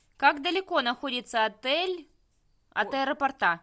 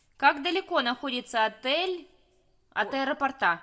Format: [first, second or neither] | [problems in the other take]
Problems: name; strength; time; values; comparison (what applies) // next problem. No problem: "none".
first | room echo; dies away in 0.3 s